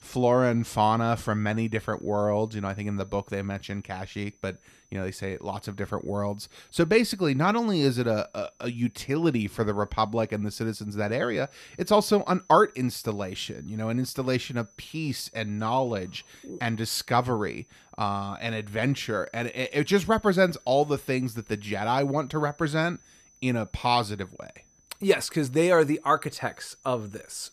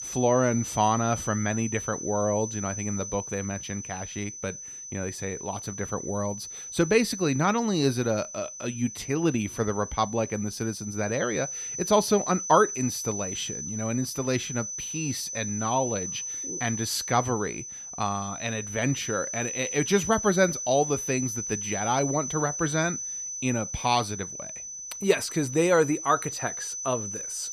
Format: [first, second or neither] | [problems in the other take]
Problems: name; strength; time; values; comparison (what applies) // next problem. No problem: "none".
first | high-pitched whine; loud; throughout; 6 kHz, 6 dB below the speech; faint in the first